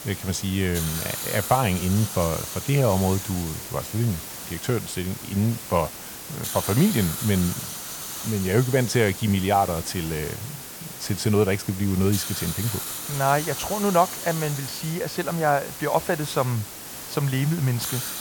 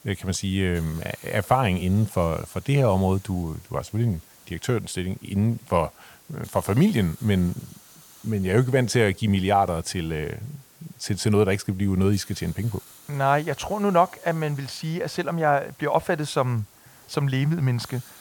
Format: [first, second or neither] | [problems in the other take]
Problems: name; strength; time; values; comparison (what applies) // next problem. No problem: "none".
second | hiss; loud; throughout; 7 dB below the speech; faint in the second